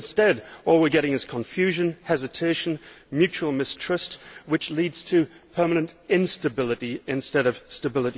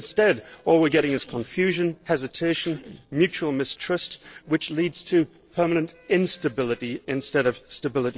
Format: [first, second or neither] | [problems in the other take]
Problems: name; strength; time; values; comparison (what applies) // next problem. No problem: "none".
first | noise reduction (neural separator model SepFormer DNS4)